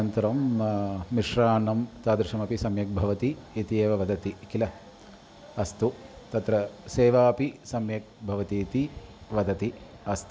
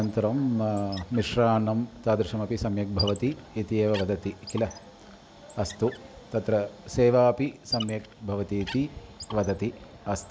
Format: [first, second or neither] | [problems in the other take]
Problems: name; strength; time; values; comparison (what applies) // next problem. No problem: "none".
first | background sound (Squeak); 16 dB below the speech